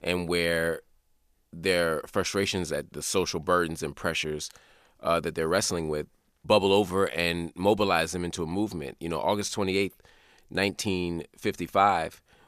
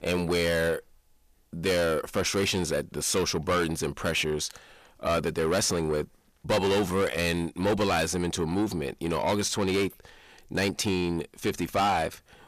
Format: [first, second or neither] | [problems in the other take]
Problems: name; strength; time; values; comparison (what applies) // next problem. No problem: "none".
first | distortion; heavy; 7 dB below the speech